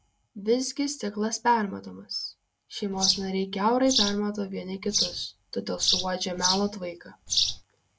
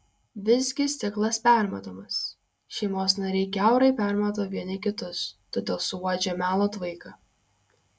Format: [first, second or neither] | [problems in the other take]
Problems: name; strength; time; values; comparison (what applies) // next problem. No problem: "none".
second | background sound (Bird vocalization, bird call, bird song); 1 dB below the speech